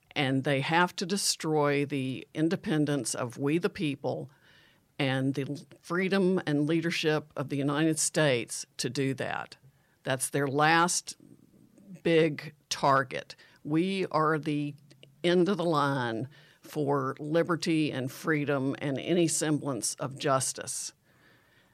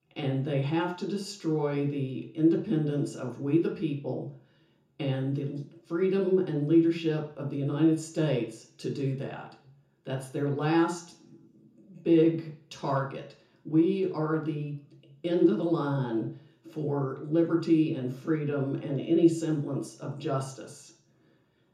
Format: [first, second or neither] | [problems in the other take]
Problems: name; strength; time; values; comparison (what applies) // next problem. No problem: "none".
first | room echo; slight; dies away in 0.6 s // off-mic speech; far